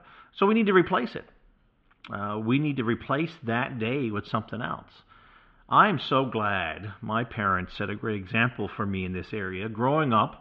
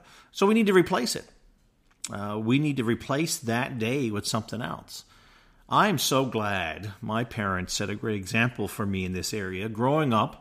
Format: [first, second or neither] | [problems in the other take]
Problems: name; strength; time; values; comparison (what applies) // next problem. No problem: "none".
second | muffled; very; fading above 3 kHz